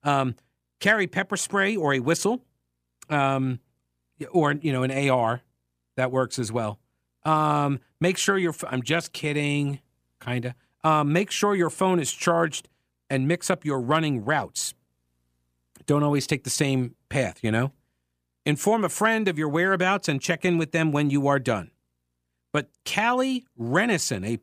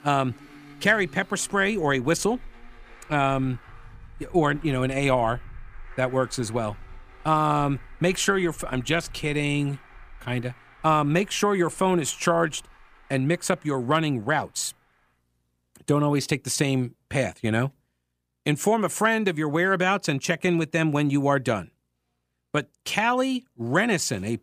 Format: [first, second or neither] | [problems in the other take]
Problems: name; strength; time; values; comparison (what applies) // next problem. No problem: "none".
first | traffic noise; faint; throughout; 25 dB below the speech